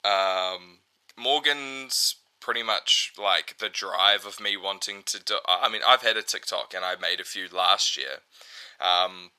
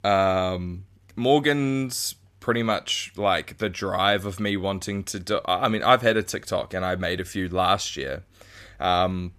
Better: second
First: thin; very; fading below 750 Hz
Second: none

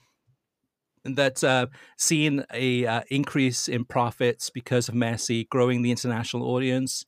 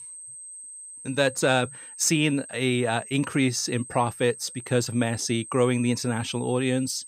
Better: first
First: none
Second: high-pitched whine; noticeable; throughout; 8.5 kHz, 15 dB below the speech

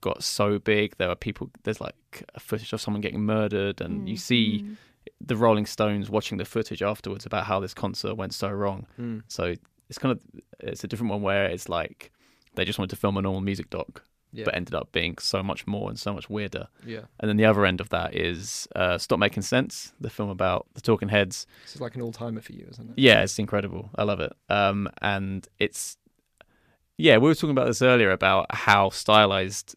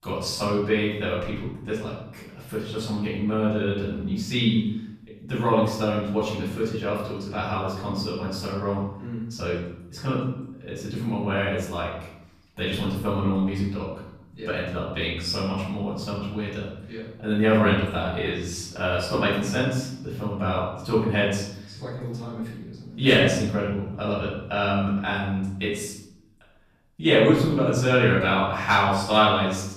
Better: first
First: none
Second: room echo; noticeable; dies away in 0.8 s // off-mic speech; far

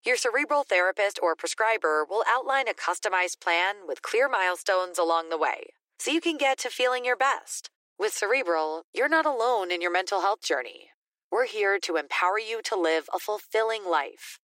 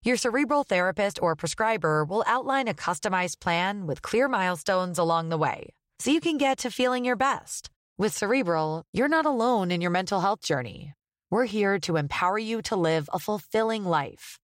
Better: second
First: thin; very; fading below 350 Hz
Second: none

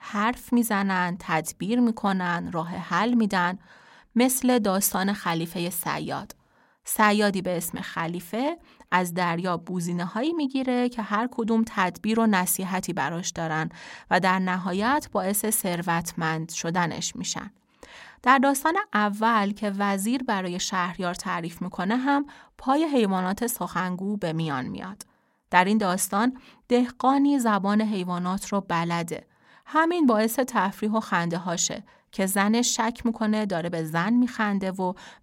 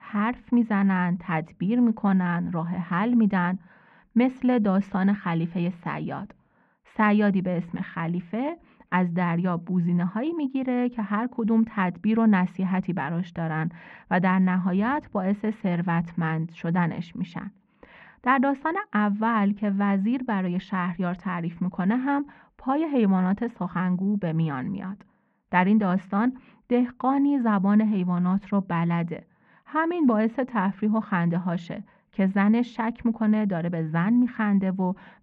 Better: first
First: none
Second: muffled; very; fading above 2.5 kHz

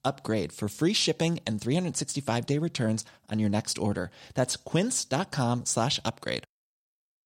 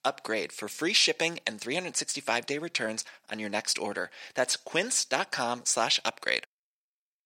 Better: first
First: none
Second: thin; somewhat; fading below 450 Hz

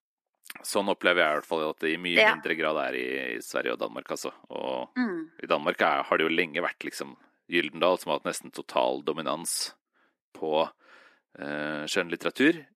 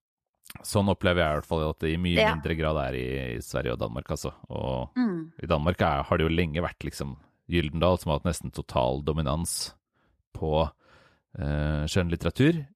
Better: second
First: thin; somewhat; fading below 250 Hz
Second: none

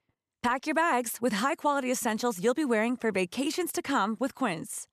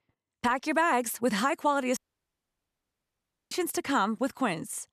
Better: first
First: none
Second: audio cutting out; at 2 s for 1.5 s

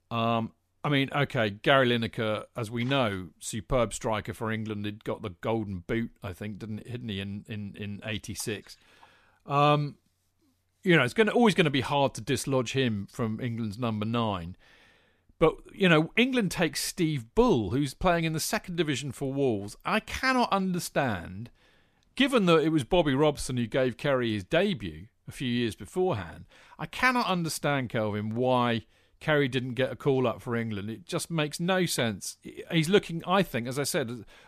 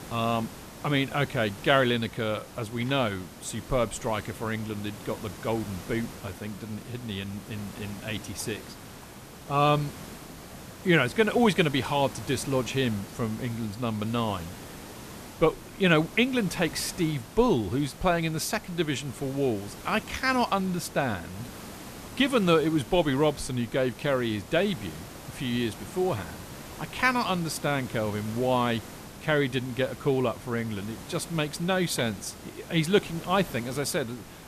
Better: first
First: none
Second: hiss; noticeable; throughout; 15 dB below the speech

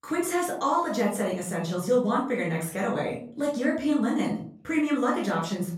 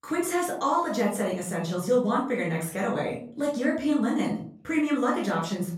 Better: neither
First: off-mic speech; far // room echo; slight; dies away in 0.4 s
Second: off-mic speech; far // room echo; slight; dies away in 0.4 s

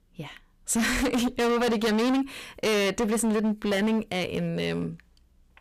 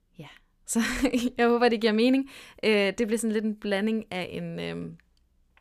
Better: second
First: distortion; heavy; 22% of the sound clipped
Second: none

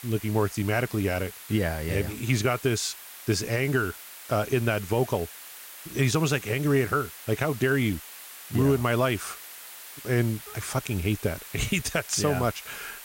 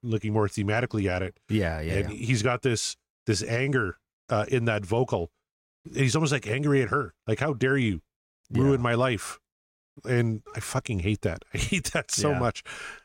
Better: second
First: hiss; noticeable; throughout; 15 dB below the speech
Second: none

